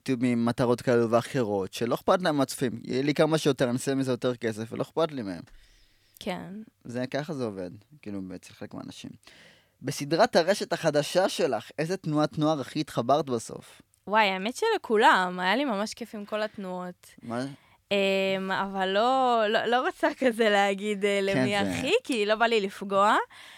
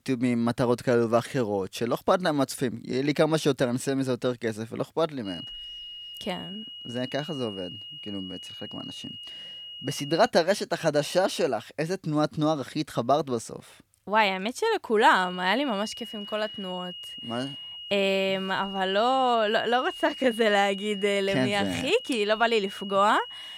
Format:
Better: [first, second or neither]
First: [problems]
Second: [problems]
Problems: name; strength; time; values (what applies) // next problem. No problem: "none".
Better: first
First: none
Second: high-pitched whine; noticeable; from 5.5 to 10 s and from 15 s on; 3 kHz, 10 dB below the speech